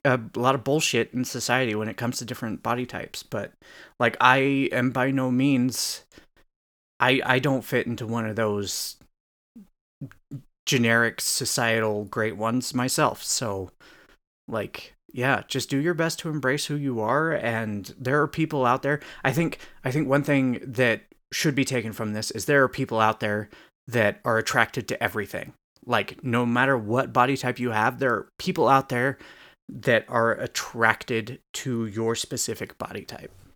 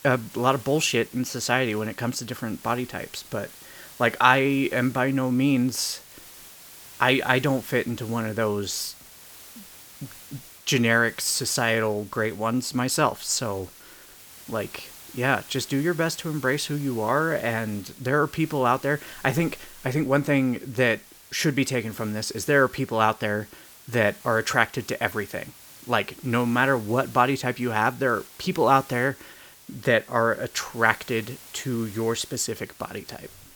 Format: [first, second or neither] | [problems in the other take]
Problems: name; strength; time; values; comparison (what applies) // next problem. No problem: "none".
first | hiss; noticeable; throughout; 20 dB below the speech